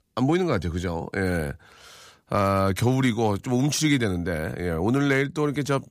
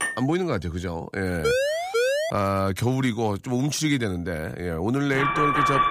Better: first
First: none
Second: clattering dishes; noticeable; at the start; peak 3 dB below the speech // siren; loud; at 1.5 s; peak 3 dB above the speech // alarm; loud; at 5 s; peak 5 dB above the speech

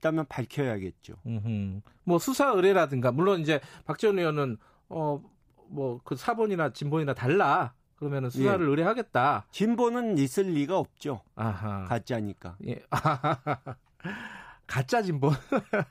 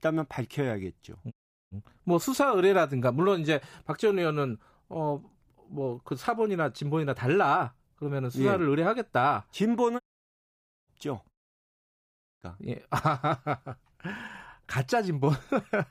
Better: first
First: none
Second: audio cutting out; at 1.5 s, at 10 s for 1 s and at 11 s for 1 s

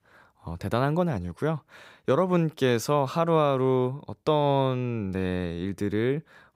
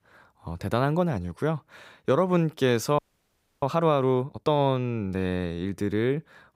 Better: first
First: none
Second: audio freezing; at 3 s for 0.5 s

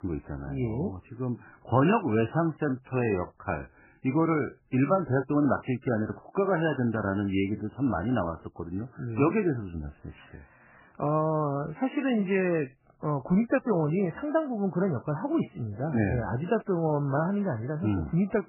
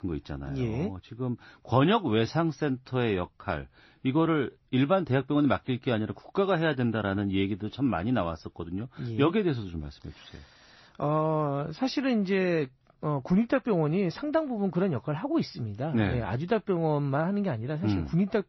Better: second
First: garbled, watery; badly; nothing above 3 kHz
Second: garbled, watery; slightly; nothing above 6 kHz

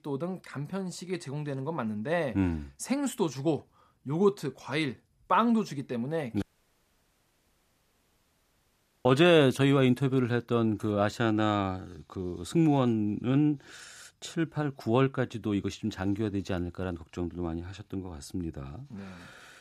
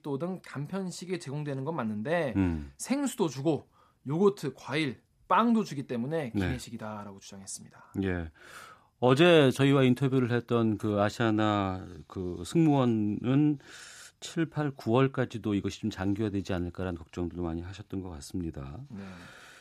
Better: second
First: audio cutting out; at 6.5 s for 2.5 s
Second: none

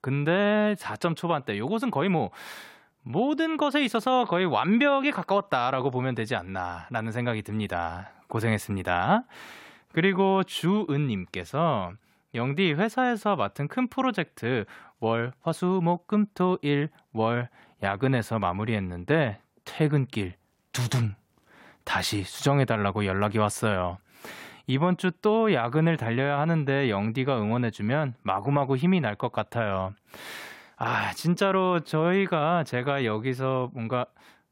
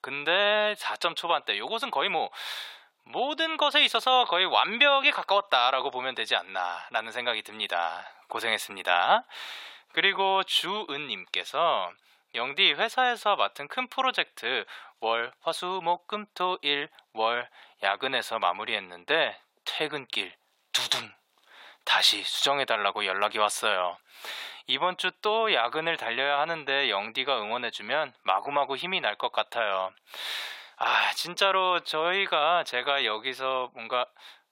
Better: first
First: none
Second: thin; very; fading below 700 Hz

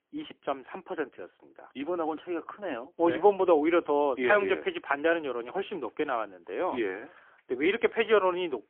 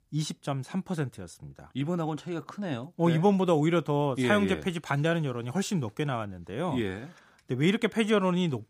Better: second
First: phone-call audio; poor line; nothing above 3.5 kHz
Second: none

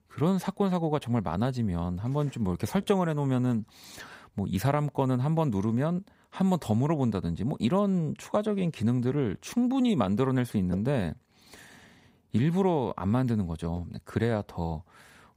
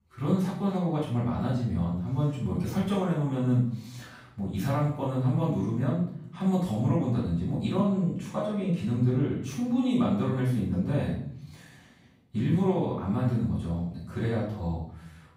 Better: first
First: none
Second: off-mic speech; far // room echo; noticeable; dies away in 0.6 s

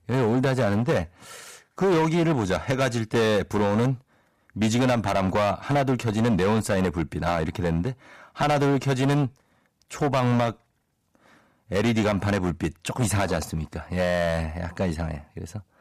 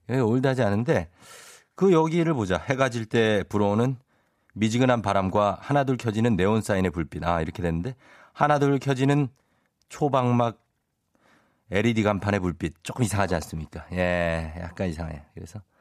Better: second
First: distortion; heavy; 12% of the sound clipped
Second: none

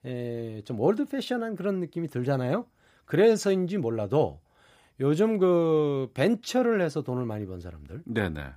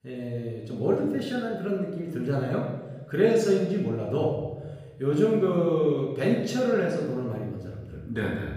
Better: first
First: none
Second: room echo; noticeable; dies away in 1.1 s // off-mic speech; far

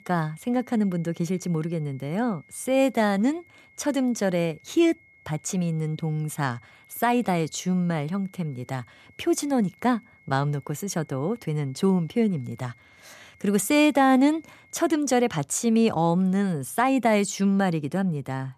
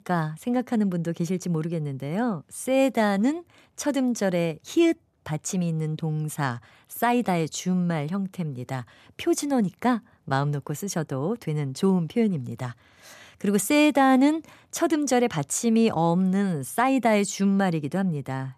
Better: second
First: high-pitched whine; faint; until 15 s; 2 kHz, 30 dB below the speech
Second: none

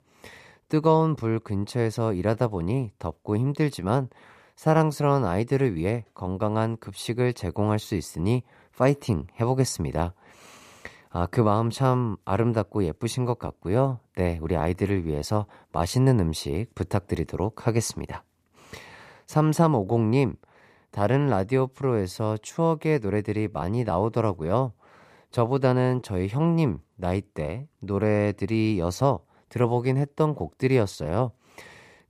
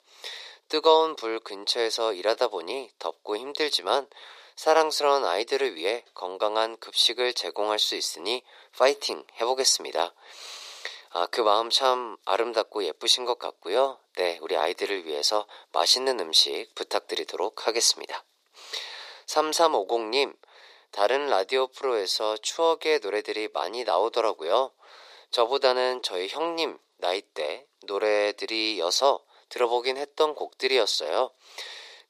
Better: first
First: none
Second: thin; very; fading below 400 Hz

